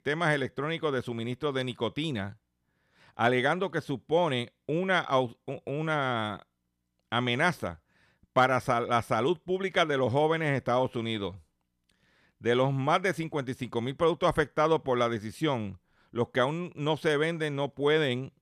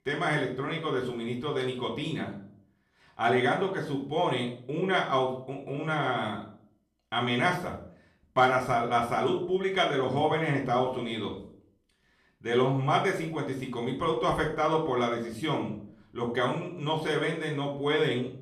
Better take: first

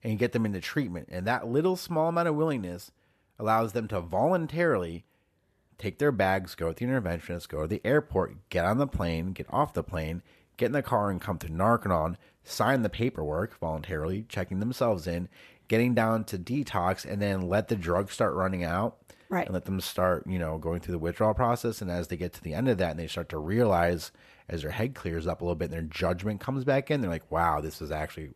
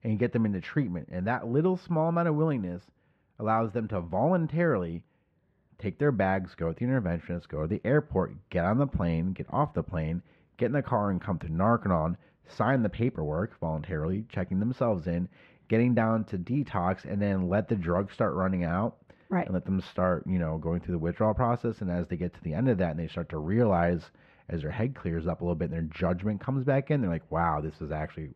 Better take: first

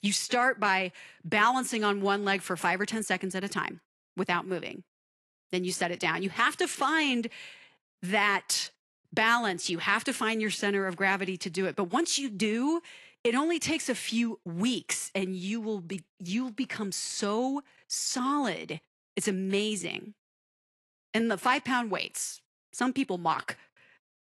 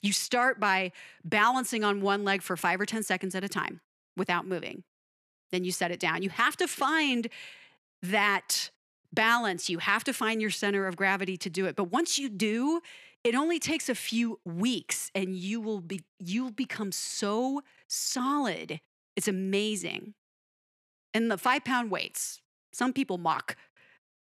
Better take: second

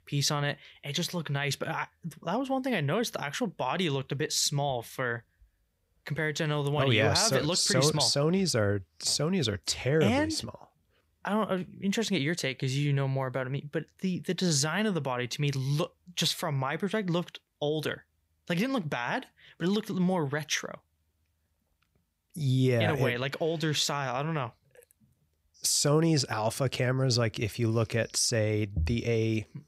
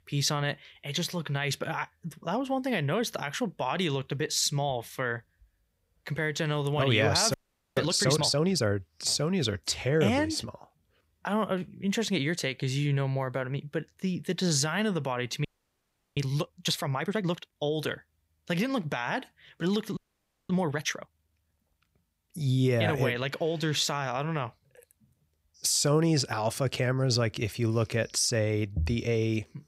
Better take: first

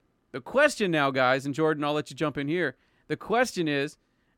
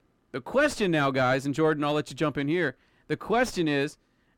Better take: first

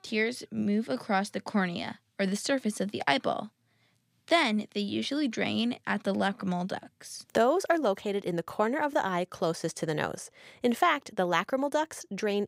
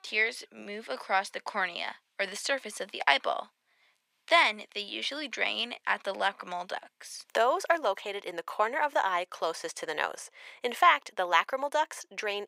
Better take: first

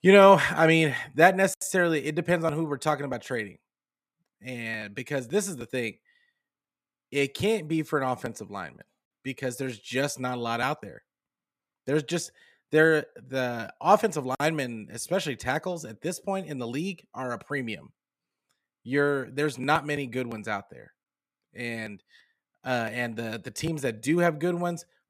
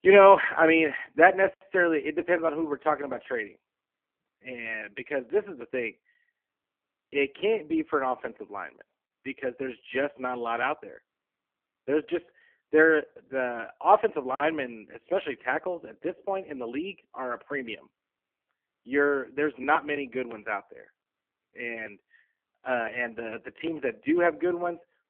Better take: first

